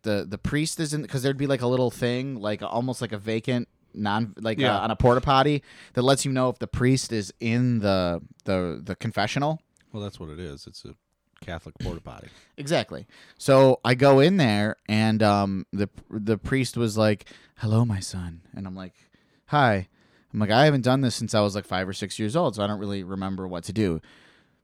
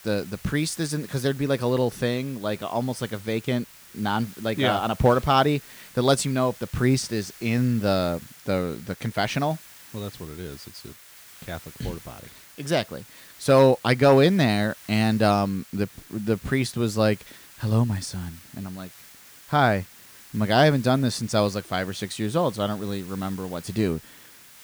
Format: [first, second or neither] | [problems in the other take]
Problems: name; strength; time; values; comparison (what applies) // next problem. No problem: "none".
first | hiss; faint; throughout; 20 dB below the speech